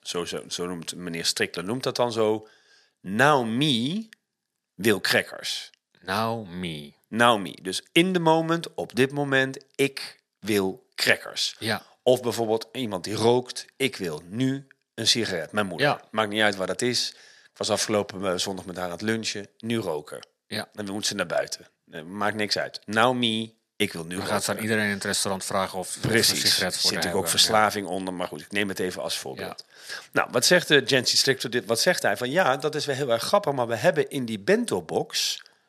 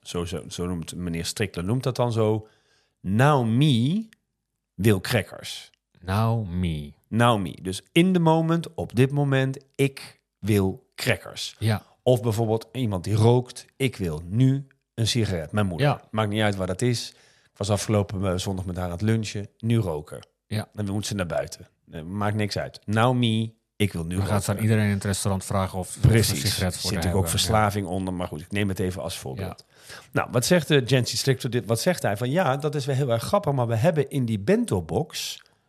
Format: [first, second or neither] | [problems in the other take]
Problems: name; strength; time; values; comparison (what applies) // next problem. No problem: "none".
second | thin; somewhat; fading below 250 Hz